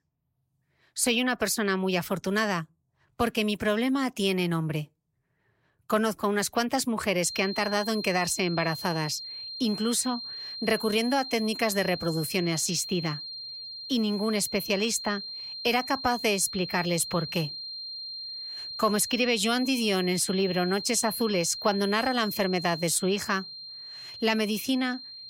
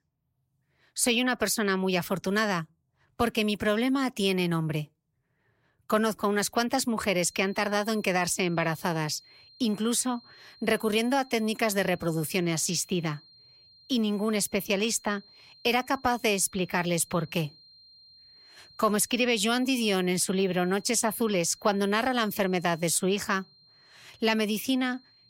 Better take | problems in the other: second | high-pitched whine; loud; from 7.5 s on; 4 kHz, 9 dB below the speech; faint in the second

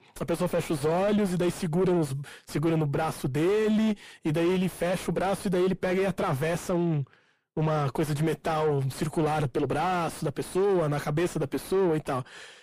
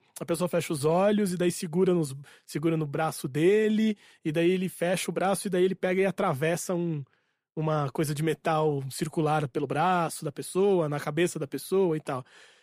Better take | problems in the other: second | distortion; heavy; 6 dB below the speech

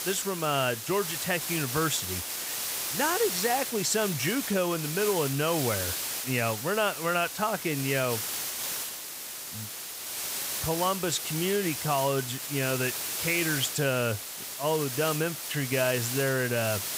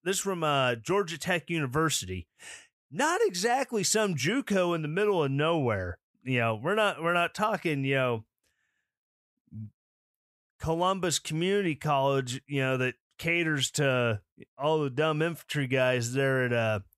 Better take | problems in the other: second | hiss; loud; throughout; 3 dB below the speech

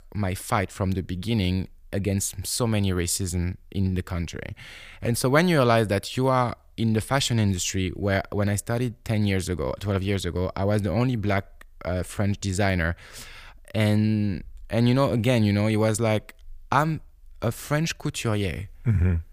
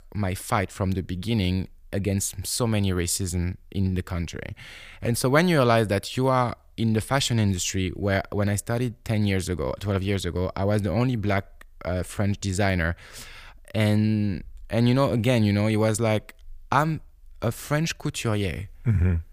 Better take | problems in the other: neither | none

